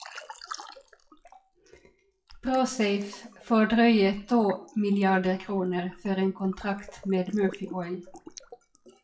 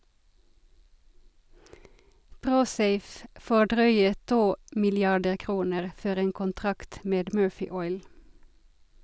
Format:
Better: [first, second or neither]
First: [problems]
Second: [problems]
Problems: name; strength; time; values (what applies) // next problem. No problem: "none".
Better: second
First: noise reduction (classical method WPE with log-MMSE)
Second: none